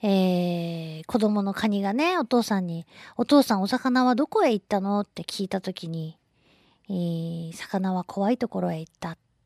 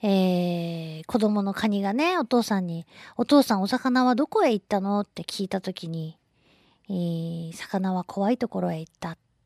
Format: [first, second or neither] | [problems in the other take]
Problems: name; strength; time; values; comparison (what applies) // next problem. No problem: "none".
neither | none